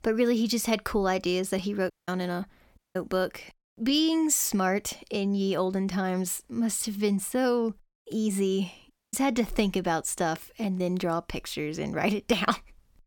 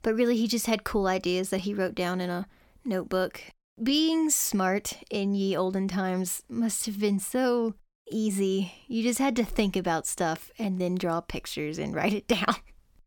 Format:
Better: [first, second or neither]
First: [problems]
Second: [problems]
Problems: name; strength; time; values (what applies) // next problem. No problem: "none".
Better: second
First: audio cutting out; at 2 s, at 3 s and at 9 s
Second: none